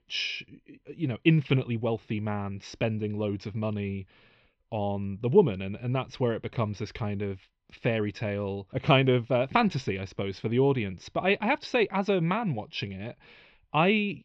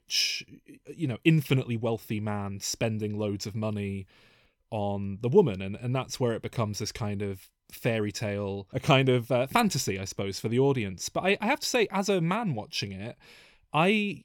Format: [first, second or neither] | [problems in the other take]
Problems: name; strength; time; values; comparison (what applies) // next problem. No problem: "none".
second | muffled; slightly; fading above 4 kHz